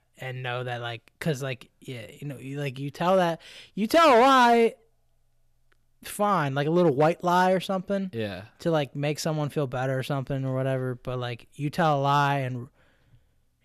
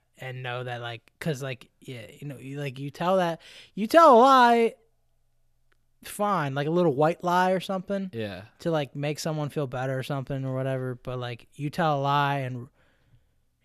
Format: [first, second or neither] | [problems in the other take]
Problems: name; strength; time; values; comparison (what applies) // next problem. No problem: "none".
second | distortion; slight; 2% of the sound clipped